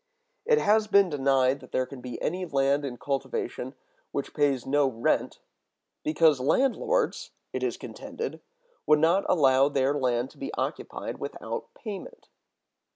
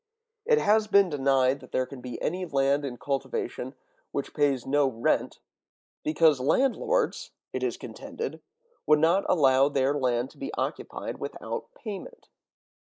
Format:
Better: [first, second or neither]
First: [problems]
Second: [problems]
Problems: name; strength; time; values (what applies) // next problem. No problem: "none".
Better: first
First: none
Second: noise reduction (neural mask model Resemble Enhance denoiser)